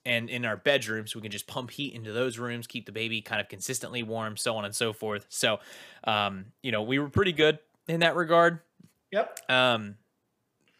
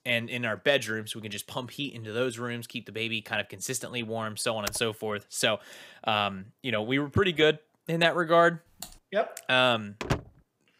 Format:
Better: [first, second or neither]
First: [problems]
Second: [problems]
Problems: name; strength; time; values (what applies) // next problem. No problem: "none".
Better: first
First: none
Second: keyboard typing; noticeable; at 4.5 s; peak 10 dB below the speech // keyboard typing; faint; at 9 s; peak 15 dB below the speech // door banging; noticeable; at 10 s; peak 4 dB below the speech